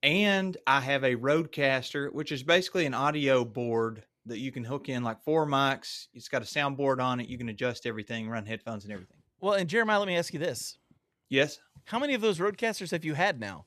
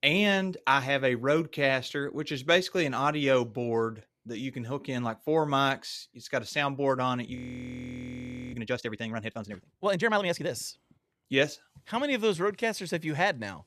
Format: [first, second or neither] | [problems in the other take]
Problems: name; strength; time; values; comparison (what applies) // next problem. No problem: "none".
first | audio freezing; at 7.5 s for 1 s